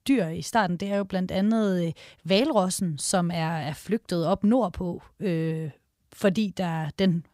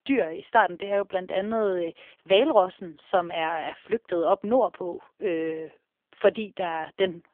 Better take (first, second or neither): first